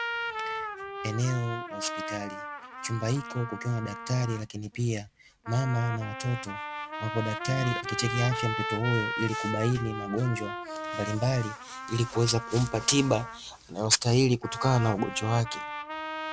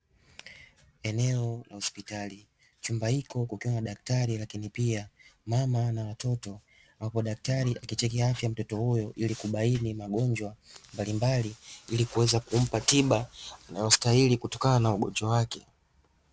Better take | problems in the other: second | background sound (Trumpet); 7 dB below the speech

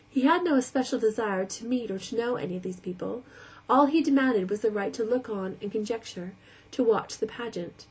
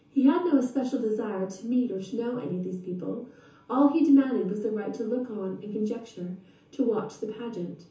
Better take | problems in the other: first | room echo; dies away in 0.9 s

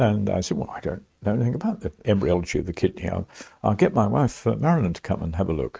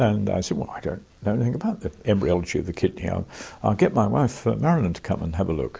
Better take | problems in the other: second | noise reduction (neural mask model RNNoise)

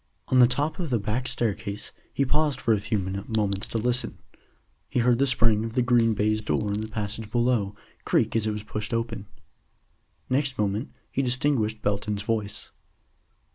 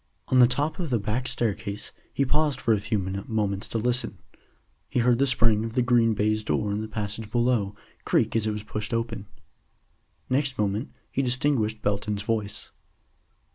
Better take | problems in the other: second | noise reduction (neural mask model Resemble Enhance denoiser)

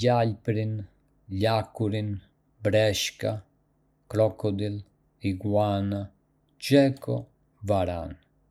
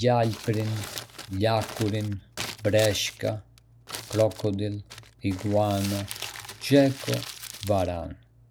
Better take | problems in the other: first | background sound (Crumpling, crinkling); 13 dB below the speech

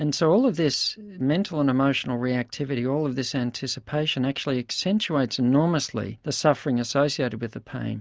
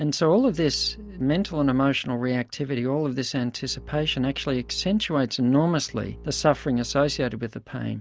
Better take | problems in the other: first | background sound (Bowed string instrument); 20 dB below the speech

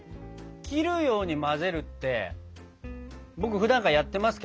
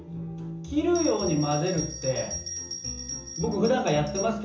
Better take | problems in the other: first | background sound (Bell); 10 dB below the speech // room echo; dies away in 0.7 s

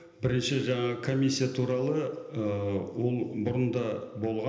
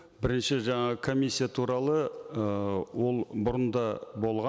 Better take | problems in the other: second | room echo; dies away in 0.8 s

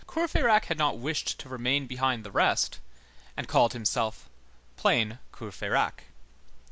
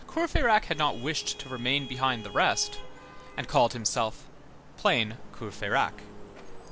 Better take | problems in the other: first | background sound (Traffic noise, roadway noise / Vehicle horn, car horn, honking); 18 dB below the speech

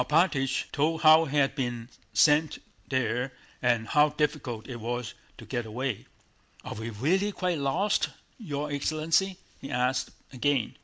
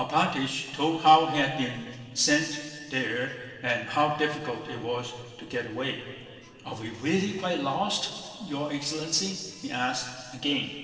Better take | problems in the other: first | noise reduction (neural separator model SepFormer DNS4)

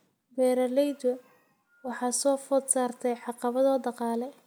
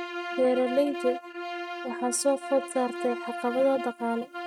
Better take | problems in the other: first | noise reduction (neural mask model RNNoise)

